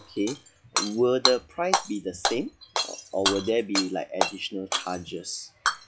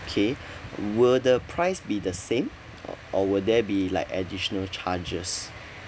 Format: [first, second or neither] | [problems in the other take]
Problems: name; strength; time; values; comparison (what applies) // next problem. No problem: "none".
second | noise reduction (classical method log-MMSE)